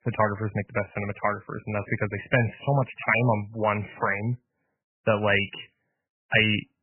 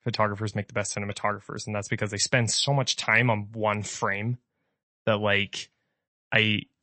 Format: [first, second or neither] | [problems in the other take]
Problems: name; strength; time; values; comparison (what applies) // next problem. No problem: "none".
second | garbled, watery; badly; nothing above 3 kHz; slightly in the second